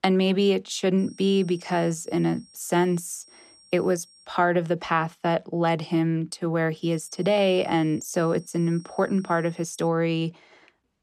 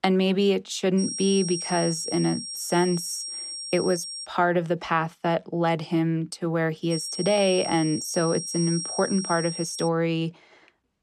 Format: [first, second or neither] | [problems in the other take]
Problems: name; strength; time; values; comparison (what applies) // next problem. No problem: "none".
first | high-pitched whine; loud; from 1 to 4.5 s and from 7 to 10 s; 5.5 kHz, 6 dB below the speech; faint in the first